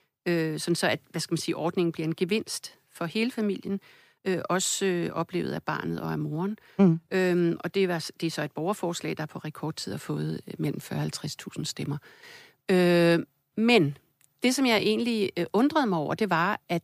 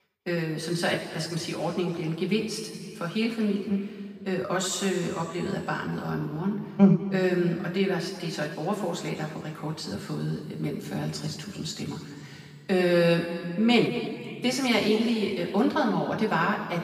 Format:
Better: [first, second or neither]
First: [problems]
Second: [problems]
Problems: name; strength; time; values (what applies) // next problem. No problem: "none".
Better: first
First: none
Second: room echo; noticeable; dies away in 2 s // off-mic speech; far